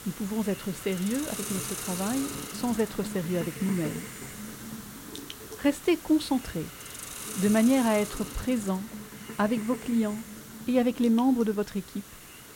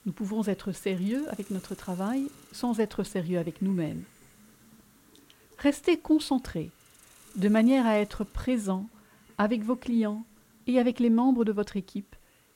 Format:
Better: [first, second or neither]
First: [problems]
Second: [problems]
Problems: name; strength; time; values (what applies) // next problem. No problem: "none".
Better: second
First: hiss; loud; throughout; 10 dB below the speech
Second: hiss; faint; throughout; 25 dB below the speech